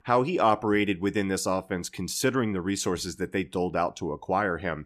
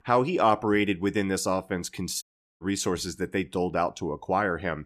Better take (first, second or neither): first